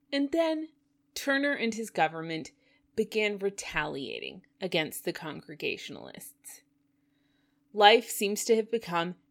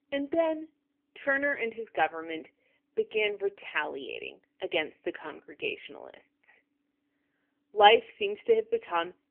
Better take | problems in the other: first | phone-call audio; poor line; nothing above 3 kHz

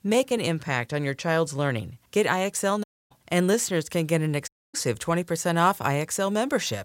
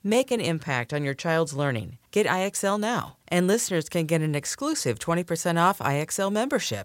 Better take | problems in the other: second | audio cutting out; at 3 s and at 4.5 s

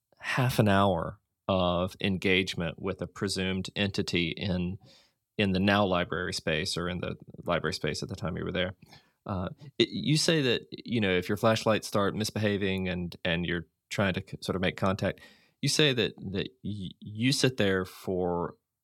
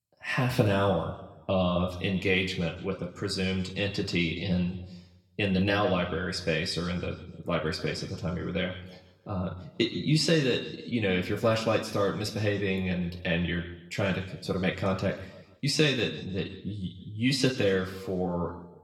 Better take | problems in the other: first | room echo; slight; dies away in 0.9 s // off-mic speech; somewhat distant

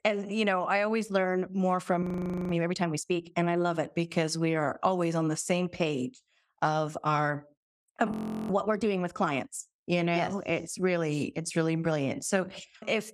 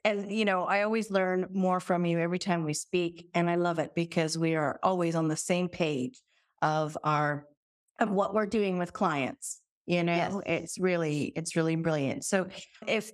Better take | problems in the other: second | audio freezing; at 2 s and at 8 s

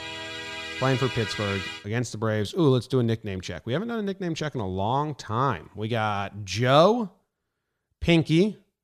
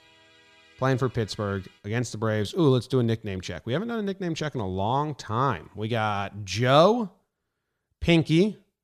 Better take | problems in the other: second | background music; loud; until 2 s; 7 dB below the speech; faint in the second

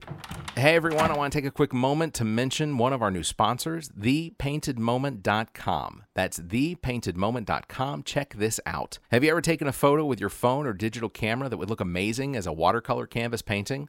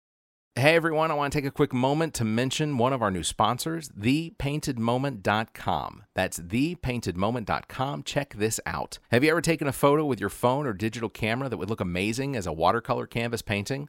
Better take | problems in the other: second | door banging; noticeable; until 1 s; peak 4 dB below the speech

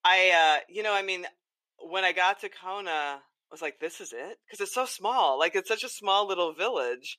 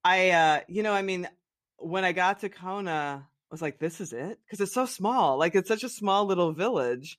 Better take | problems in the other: second | thin; very; fading below 450 Hz

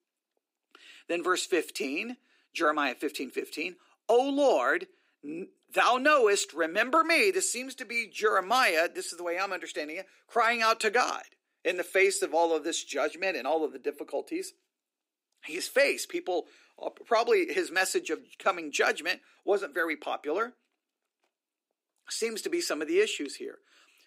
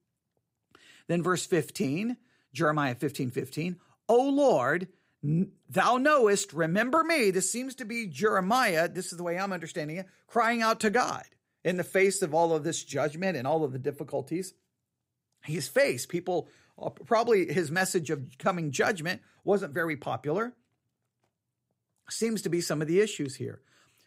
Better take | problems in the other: second | thin; somewhat; fading below 300 Hz

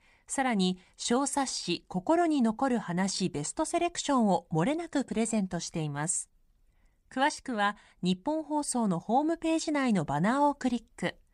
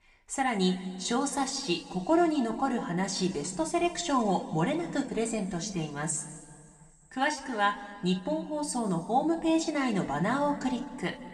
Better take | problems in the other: first | room echo; slight; dies away in 1.9 s // off-mic speech; somewhat distant

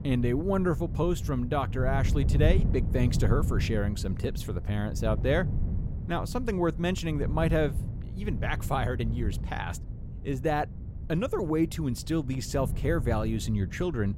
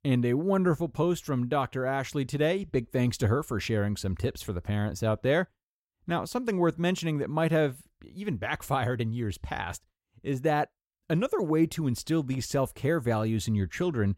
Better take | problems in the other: second | wind noise on the microphone; occasional gusts; 15 dB below the speech

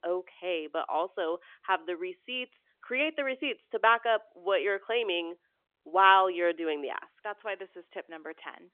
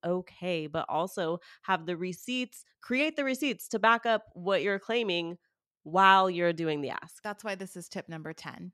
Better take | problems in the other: second | phone-call audio; nothing above 3.5 kHz

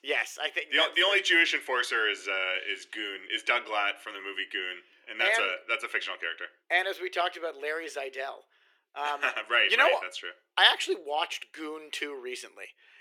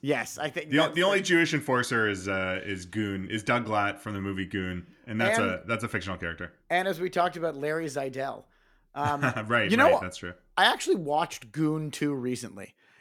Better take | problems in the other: second | thin; very; fading below 350 Hz

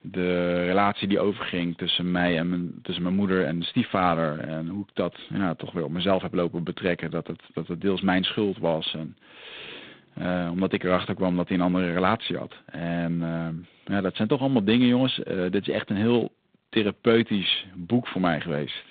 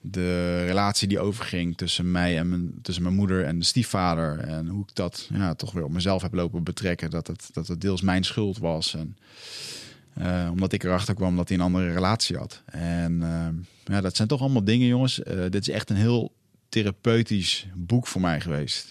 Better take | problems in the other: second | phone-call audio; poor line; nothing above 3.5 kHz

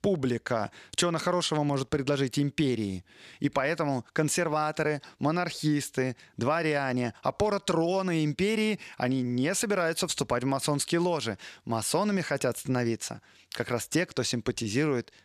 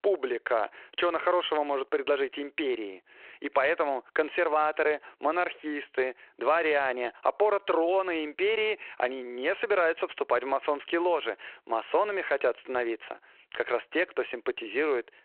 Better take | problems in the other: first | phone-call audio

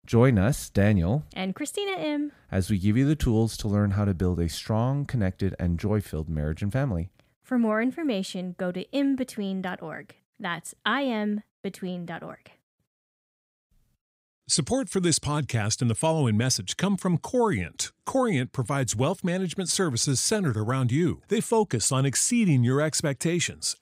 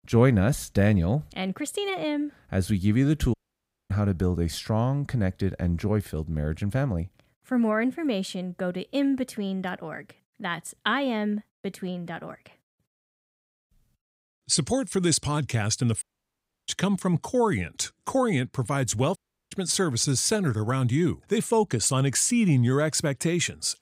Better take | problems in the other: first | audio cutting out; at 3.5 s for 0.5 s, at 16 s for 0.5 s and at 19 s

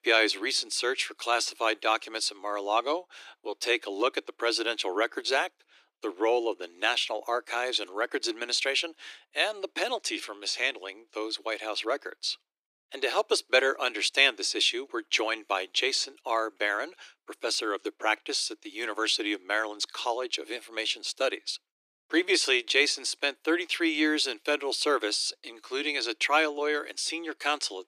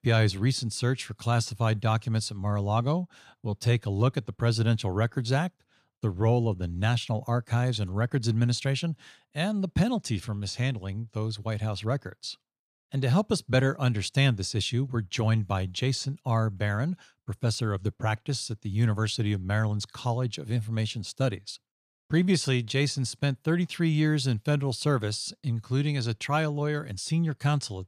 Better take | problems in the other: second | thin; very; fading below 300 Hz

